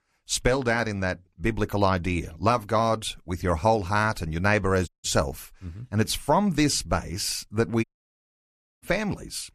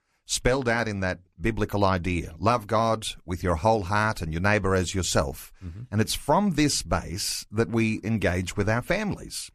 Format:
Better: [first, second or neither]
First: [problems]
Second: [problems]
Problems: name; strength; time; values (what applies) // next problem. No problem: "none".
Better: second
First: audio cutting out; at 5 s and at 8 s for 1 s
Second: none